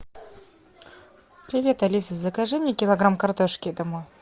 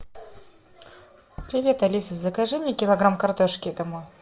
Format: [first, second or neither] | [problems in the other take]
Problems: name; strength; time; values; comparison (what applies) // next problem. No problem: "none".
first | background sound (Tap / Bass drum); 20 dB below the speech // room echo; dies away in 0.3 s